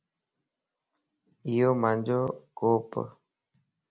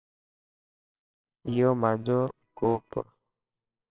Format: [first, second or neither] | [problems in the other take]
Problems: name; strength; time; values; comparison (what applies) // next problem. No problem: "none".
first | noise reduction (neural separator model SepFormer WHAMR!)